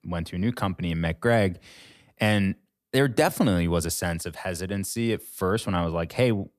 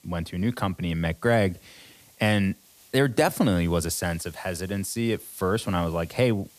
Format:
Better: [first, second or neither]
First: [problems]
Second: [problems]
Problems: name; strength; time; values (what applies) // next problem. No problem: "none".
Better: first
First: none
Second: hiss; faint; throughout; 25 dB below the speech